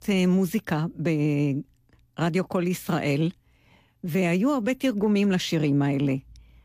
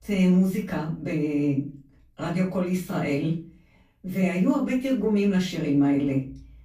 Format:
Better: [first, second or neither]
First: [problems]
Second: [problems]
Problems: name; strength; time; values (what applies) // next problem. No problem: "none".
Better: first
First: none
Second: room echo; slight; dies away in 0.3 s // off-mic speech; far